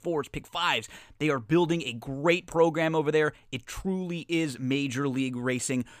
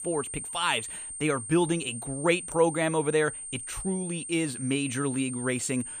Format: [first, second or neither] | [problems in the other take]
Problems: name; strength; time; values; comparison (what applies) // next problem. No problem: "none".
first | high-pitched whine; loud; throughout; 8.5 kHz, 7 dB below the speech